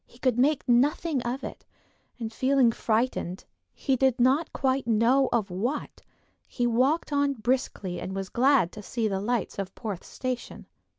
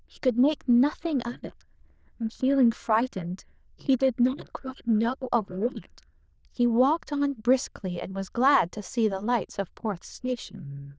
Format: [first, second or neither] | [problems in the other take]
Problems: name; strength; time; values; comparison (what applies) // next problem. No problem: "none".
first | noise reduction (neural diffusion model UNIVERSE++)